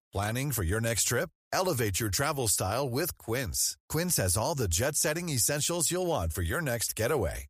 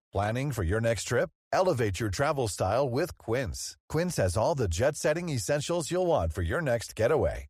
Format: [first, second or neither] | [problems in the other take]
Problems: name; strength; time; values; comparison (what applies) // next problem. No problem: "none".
first | muffled; slightly; fading above 2.5 kHz